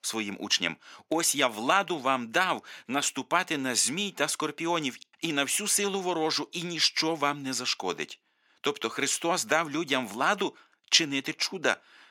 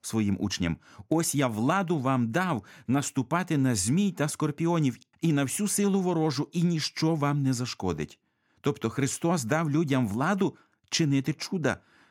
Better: second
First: thin; somewhat; fading below 450 Hz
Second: none

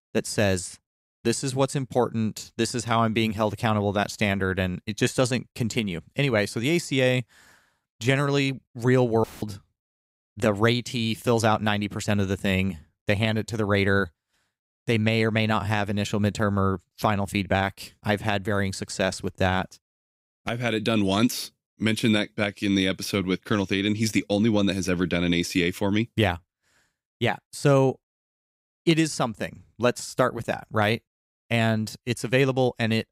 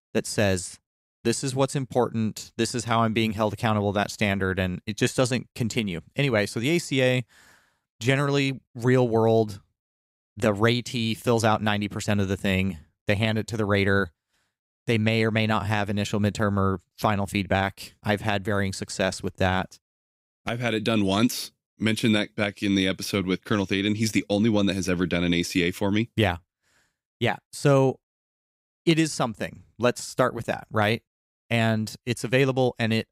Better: second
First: audio cutting out; filled with static; at 9 s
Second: none

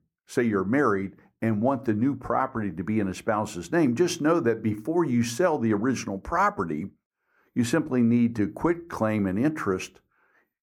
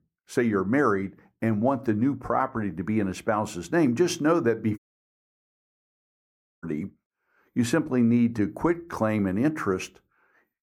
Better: first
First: none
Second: audio cutting out; at 5 s for 2 s

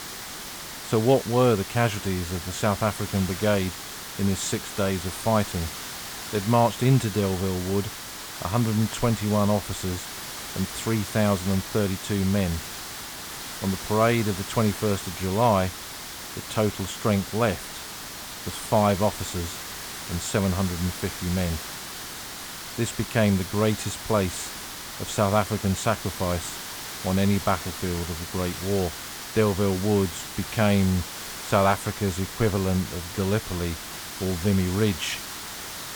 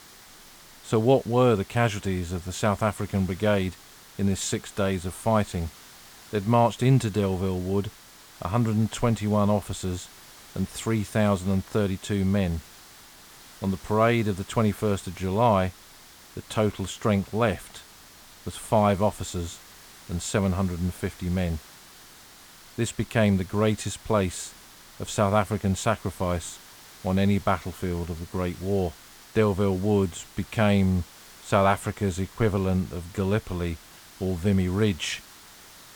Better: second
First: hiss; loud; throughout; 8 dB below the speech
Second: hiss; faint; throughout; 20 dB below the speech

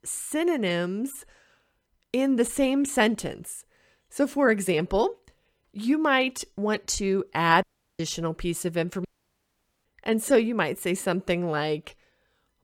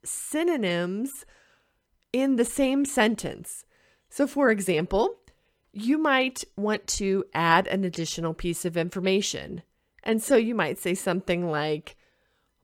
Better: second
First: audio cutting out; at 7.5 s and at 9 s for 1 s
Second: none

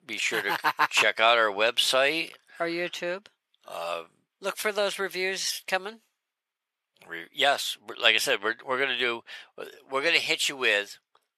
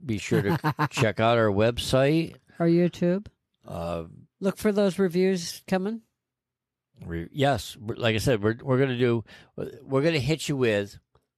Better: second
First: thin; very; fading below 800 Hz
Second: none

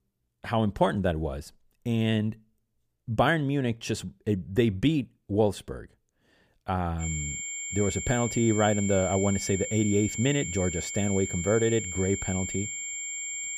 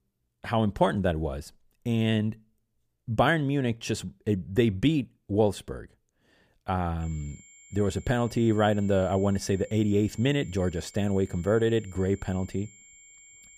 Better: second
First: high-pitched whine; loud; from 7 s on; 7.5 kHz, 5 dB below the speech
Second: high-pitched whine; faint; from 7 s on; 7.5 kHz, 25 dB below the speech

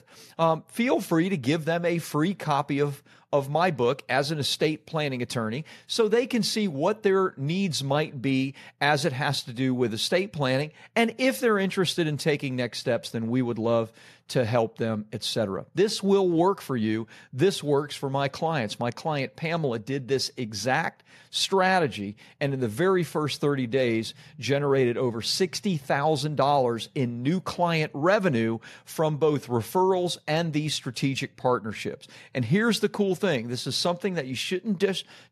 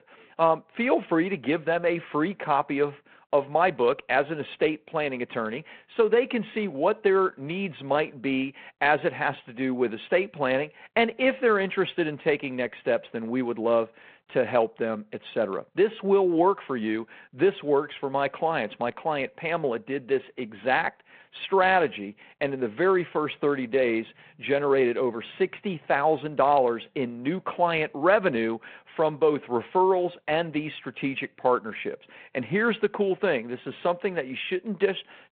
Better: first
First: none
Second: phone-call audio; nothing above 3.5 kHz

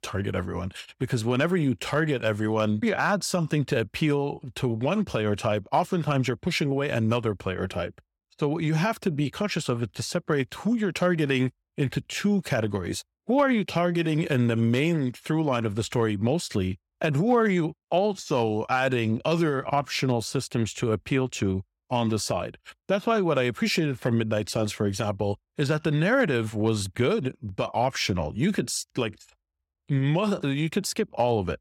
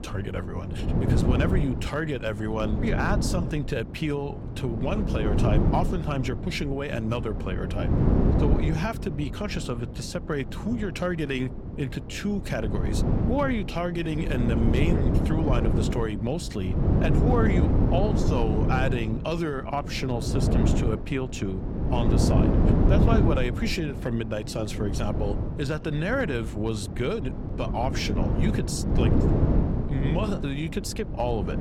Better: first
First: none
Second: wind noise on the microphone; heavy; 3 dB below the speech

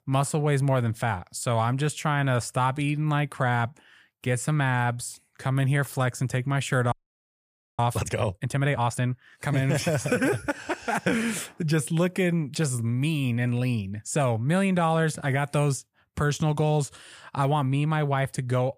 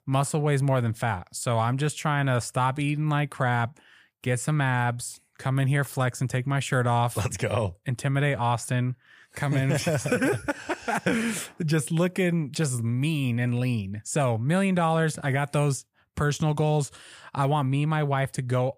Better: second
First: audio freezing; at 7 s for 1 s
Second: none

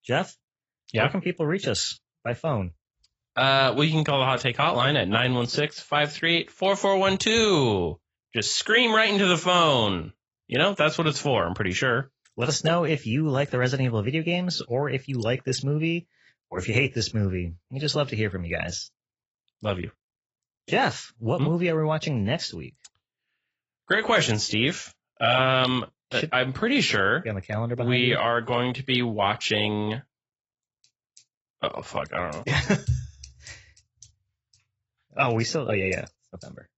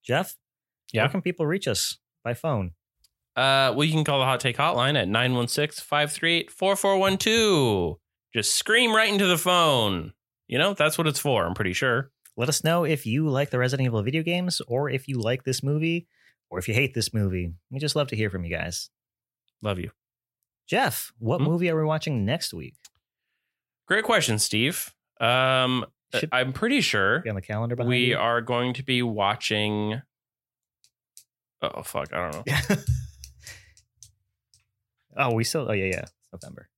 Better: second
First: garbled, watery; badly; nothing above 7.5 kHz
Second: none

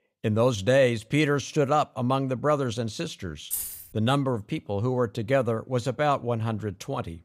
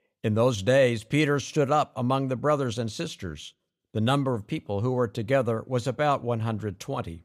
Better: second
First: jangling keys; noticeable; at 3.5 s; peak 4 dB below the speech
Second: none

